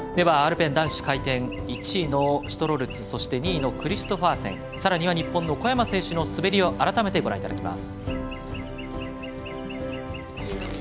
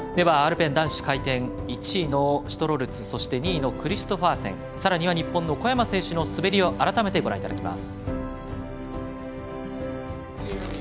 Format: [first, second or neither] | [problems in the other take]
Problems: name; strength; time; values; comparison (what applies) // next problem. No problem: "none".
second | background sound (Chirp, tweet); 20 dB below the speech